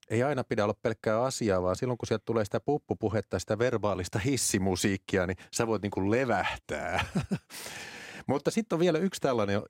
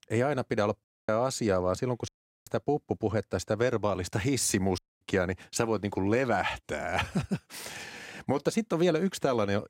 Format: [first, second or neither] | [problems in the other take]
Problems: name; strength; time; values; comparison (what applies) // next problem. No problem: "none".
first | audio cutting out; at 1 s, at 2 s and at 5 s